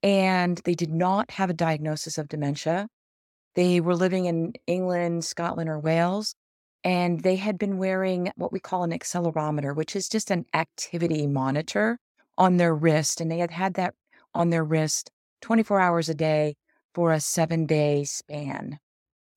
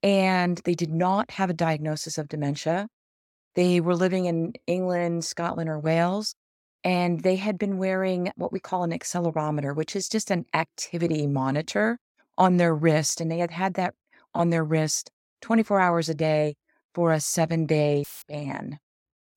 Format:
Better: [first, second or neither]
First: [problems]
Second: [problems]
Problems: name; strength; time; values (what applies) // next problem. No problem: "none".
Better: first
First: none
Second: audio cutting out; filled with static; at 18 s